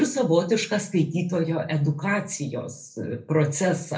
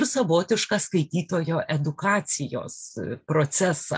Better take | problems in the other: second | room echo; dies away in 0.3 s

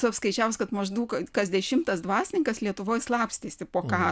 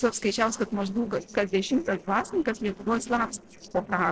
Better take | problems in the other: first | noise reduction (neural separator model SepFormer DNS4)

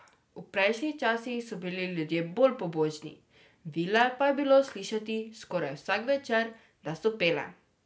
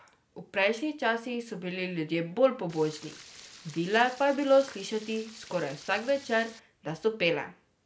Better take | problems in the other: first | background sound (Stream); 20 dB below the speech

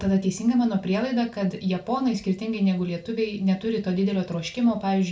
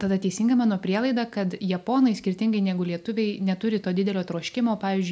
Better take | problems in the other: second | room echo; dies away in 0.3 s

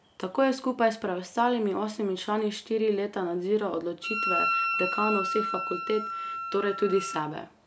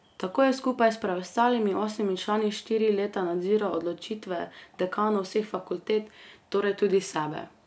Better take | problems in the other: second | background sound (Wind instrument, woodwind instrument); 2 dB below the speech

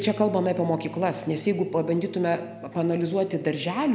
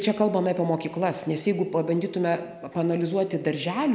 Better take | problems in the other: second | background sound (Bass guitar); 18 dB below the speech

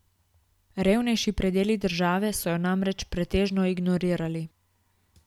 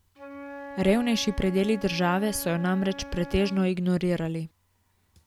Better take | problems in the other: first | background sound (Wind instrument, woodwind instrument); 16 dB below the speech

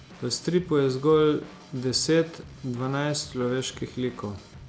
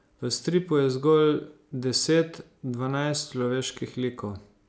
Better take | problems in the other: second | background sound (Drum / Drum kit); 20 dB below the speech

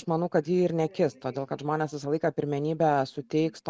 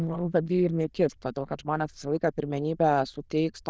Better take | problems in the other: first | noise reduction (neural diffusion model UNIVERSE++)

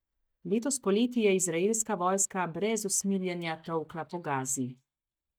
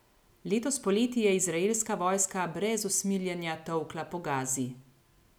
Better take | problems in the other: second | noise reduction (neural mask model DeepFilterNet 3)

